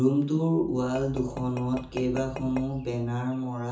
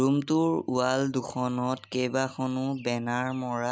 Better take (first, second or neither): second